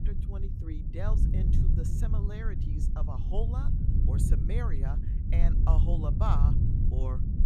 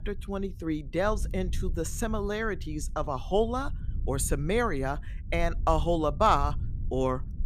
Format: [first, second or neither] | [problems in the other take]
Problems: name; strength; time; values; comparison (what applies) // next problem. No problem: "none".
second | low rumble; loud; throughout; 2 dB below the speech; faint in the second